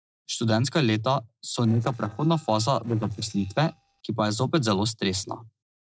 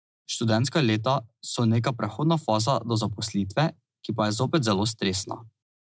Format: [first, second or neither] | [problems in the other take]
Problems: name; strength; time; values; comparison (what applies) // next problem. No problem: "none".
second | noise reduction (neural separator model SepFormer DNS4)